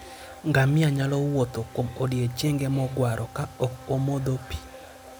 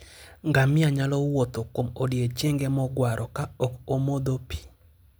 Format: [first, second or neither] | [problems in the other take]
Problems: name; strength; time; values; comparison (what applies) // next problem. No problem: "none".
second | background sound (Domestic sounds, home sounds + Domestic sounds, home sounds); 19 dB below the speech